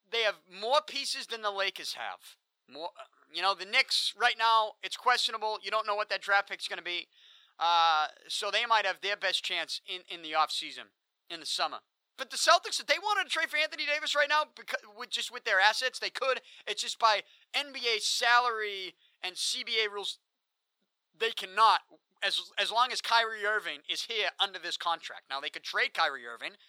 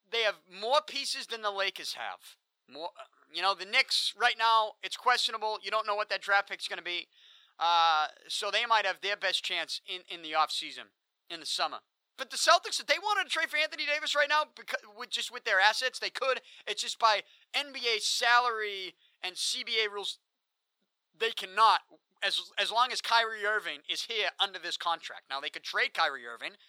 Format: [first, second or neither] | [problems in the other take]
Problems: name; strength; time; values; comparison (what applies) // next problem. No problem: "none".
neither | thin; very; fading below 950 Hz; the same in both